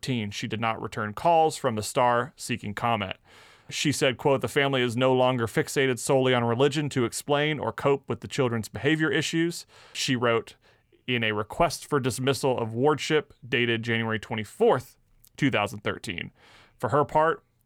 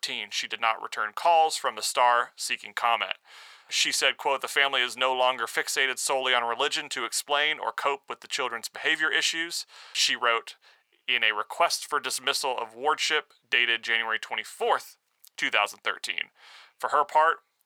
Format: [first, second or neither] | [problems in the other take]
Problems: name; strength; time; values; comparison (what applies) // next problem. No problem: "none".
first | thin; very; fading below 950 Hz